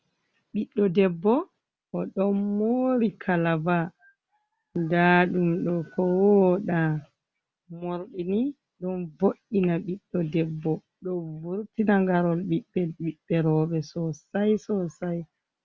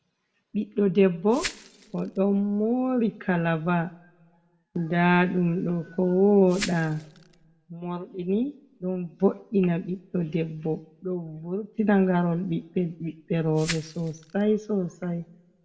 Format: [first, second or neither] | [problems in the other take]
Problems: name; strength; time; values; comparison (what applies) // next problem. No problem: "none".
first | background sound (Glass); 14 dB below the speech // room echo; dies away in 0.6 s